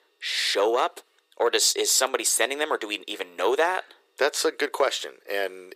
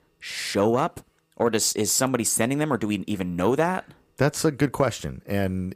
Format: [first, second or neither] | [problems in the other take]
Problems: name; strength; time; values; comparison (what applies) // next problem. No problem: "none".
second | thin; very; fading below 400 Hz